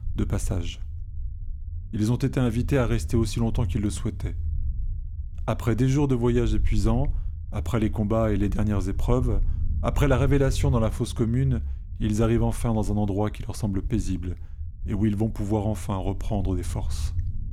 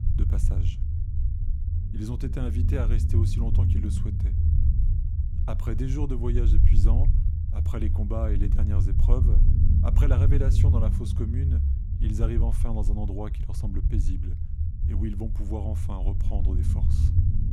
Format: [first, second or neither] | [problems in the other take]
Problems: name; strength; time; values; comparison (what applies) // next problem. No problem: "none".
first | low rumble; loud; throughout; 3 dB below the speech; faint in the first